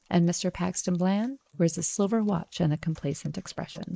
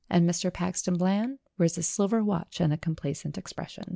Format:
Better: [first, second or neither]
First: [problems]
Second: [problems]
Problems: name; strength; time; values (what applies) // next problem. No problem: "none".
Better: second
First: noise reduction (neural mask model Resemble Enhance denoiser)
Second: none